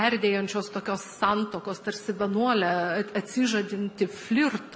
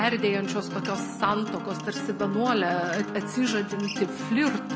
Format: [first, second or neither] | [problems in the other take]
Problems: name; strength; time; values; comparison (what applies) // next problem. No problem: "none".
first | background sound (Acoustic guitar); 6 dB below the speech